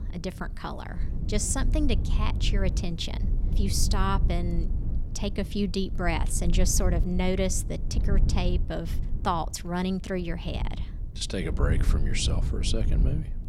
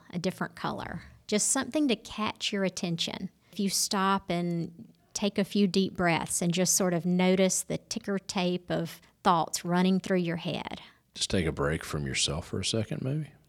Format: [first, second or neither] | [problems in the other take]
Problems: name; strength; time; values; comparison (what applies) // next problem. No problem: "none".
second | low rumble; noticeable; throughout; 15 dB below the speech